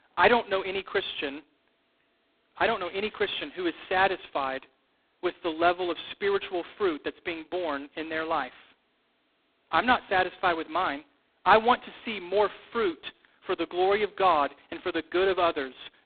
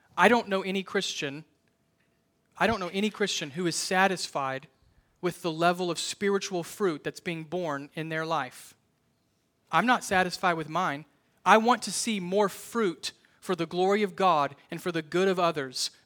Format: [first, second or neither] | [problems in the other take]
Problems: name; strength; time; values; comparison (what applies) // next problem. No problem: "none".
second | phone-call audio; poor line; nothing above 4 kHz